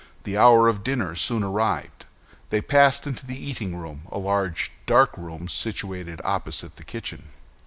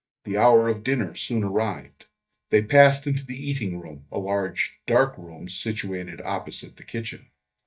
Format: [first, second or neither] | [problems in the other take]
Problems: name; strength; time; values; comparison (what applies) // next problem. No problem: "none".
first | noise reduction (neural mask model DeepFilterNet 3)